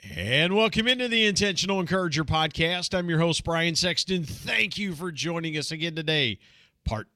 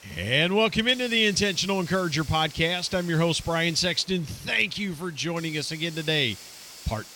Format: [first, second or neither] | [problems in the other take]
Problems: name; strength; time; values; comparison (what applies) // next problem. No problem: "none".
first | hiss; noticeable; throughout; 20 dB below the speech